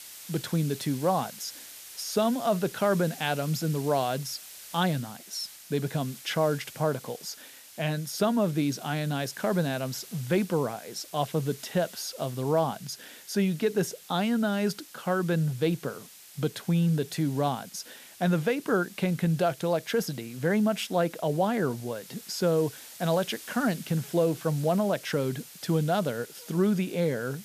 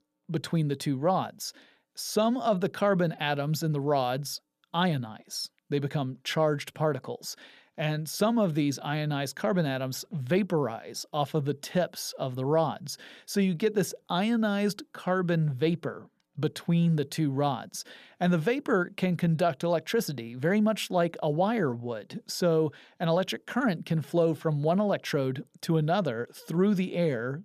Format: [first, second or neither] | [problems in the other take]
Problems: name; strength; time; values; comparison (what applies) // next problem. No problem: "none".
second | hiss; noticeable; throughout; 15 dB below the speech